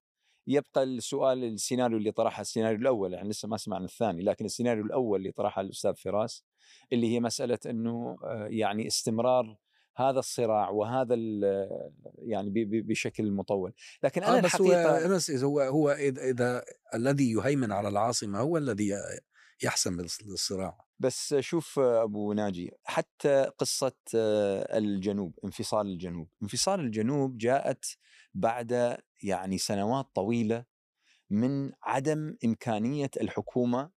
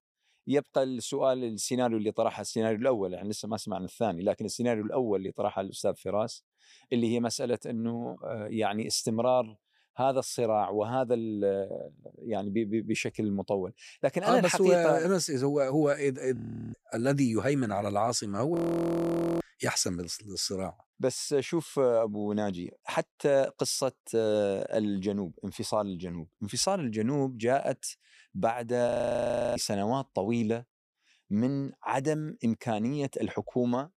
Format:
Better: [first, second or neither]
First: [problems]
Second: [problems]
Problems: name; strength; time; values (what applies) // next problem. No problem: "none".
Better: first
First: none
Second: audio freezing; at 16 s, at 19 s for 1 s and at 29 s for 0.5 s